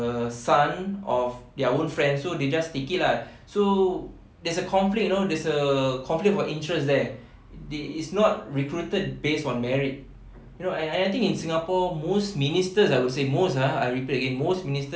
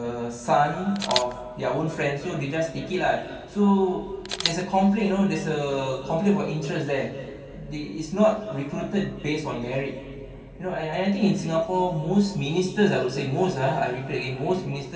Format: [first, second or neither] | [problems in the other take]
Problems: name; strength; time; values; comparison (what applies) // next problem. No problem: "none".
first | background sound (Camera); 9 dB below the speech // room echo; dies away in 2.8 s